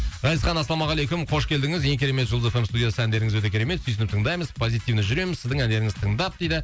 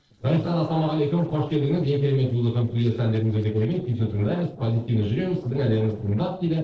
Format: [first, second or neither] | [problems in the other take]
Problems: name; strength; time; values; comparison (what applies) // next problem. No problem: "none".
first | noise reduction (neural separator model SepFormer DNS4)